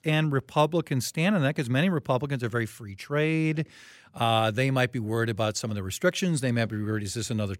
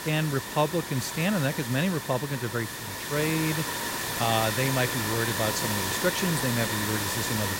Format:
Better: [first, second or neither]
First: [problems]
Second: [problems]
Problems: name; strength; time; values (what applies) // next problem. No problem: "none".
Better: first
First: none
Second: hiss; loud; throughout; 1 dB below the speech